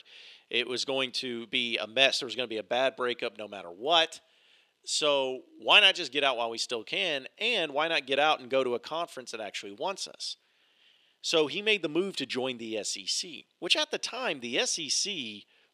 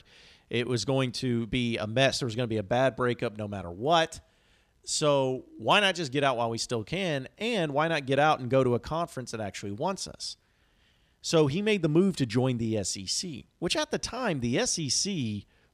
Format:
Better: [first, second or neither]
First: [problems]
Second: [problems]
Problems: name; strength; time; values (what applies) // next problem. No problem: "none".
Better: second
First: thin; somewhat; fading below 400 Hz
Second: none